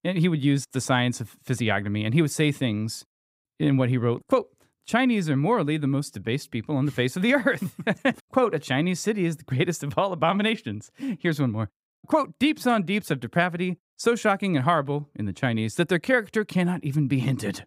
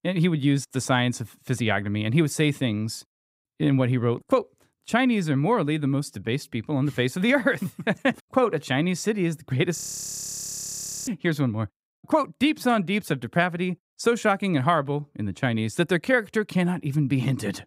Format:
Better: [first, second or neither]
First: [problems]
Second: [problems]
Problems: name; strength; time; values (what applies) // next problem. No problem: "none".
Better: first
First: none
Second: audio freezing; at 10 s for 1.5 s